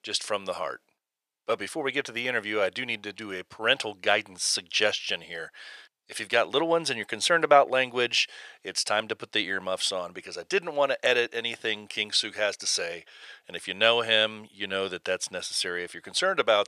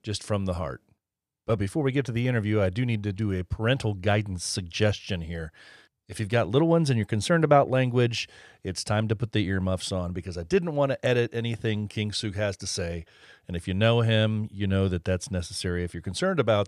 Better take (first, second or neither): second